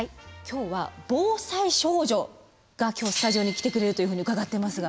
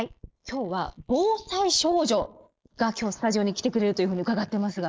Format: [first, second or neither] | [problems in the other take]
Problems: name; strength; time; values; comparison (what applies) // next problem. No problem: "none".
first | noise reduction (neural mask model Resemble Enhance denoiser)